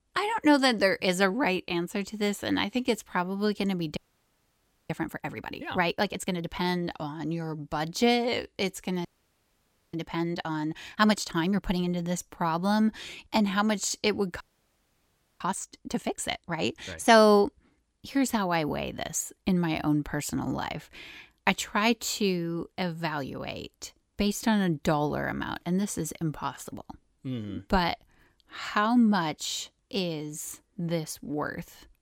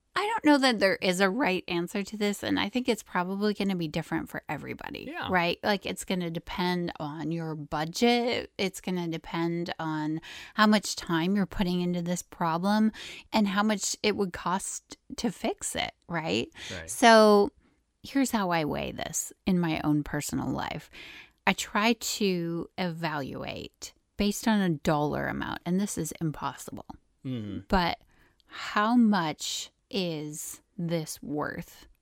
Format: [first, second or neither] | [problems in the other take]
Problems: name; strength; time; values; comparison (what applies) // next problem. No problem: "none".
second | audio freezing; at 4 s for 1 s, at 9 s for 1 s and at 14 s for 1 s